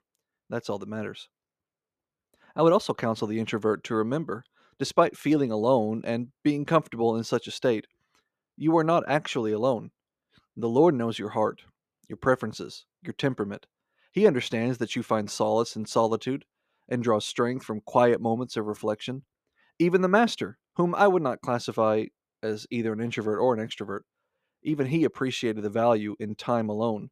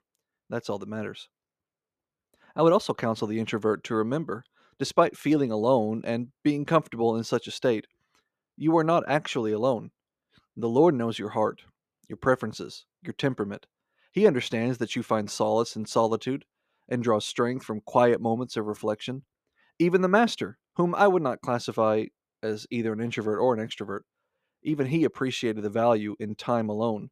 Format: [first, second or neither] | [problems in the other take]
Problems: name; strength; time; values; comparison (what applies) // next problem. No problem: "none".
neither | none